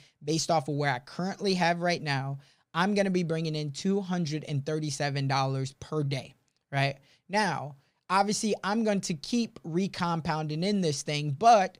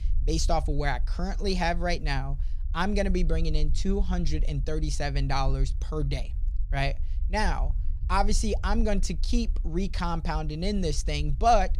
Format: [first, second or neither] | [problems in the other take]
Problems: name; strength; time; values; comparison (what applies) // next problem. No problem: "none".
first | low rumble; faint; throughout; 25 dB below the speech